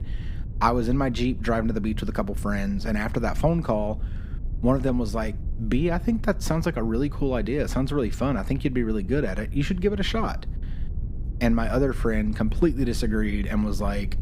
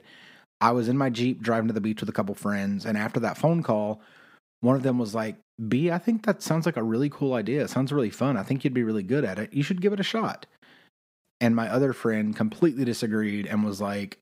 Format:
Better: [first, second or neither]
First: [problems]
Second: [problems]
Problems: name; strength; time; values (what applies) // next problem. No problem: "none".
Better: second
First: low rumble; faint; throughout; 20 dB below the speech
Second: none